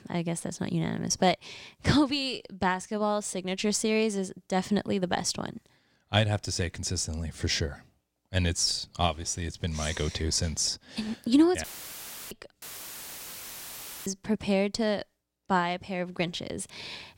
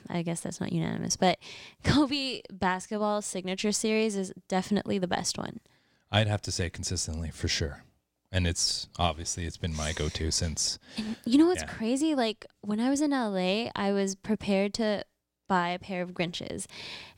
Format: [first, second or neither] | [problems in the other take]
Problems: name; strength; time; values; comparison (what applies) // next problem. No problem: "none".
second | audio cutting out; filled with static; at 12 s for 0.5 s and at 13 s for 1.5 s